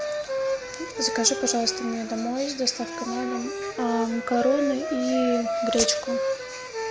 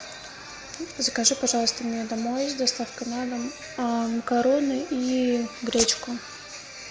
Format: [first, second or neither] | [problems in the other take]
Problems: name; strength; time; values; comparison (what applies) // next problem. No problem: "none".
second | background sound (Wind instrument, woodwind instrument); 3 dB below the speech